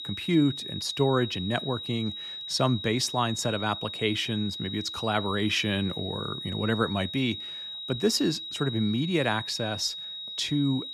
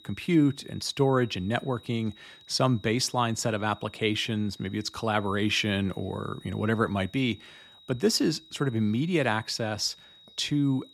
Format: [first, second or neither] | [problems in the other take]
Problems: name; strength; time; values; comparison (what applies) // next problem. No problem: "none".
second | high-pitched whine; loud; throughout; 4 kHz, 7 dB below the speech; faint in the second